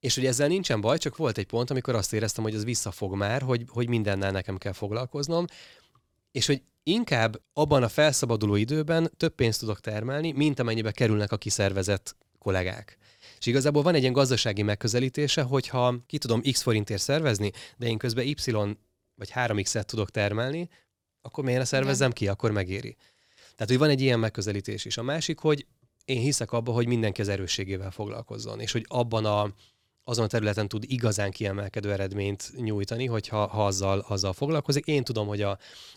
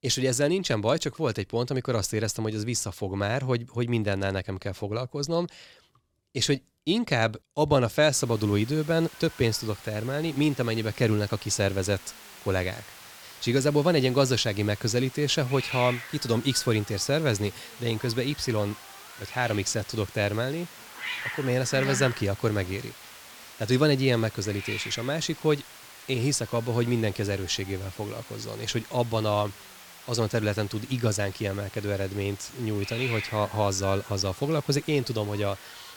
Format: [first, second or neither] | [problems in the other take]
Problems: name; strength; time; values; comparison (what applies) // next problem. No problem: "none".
first | hiss; noticeable; from 8 s on; 15 dB below the speech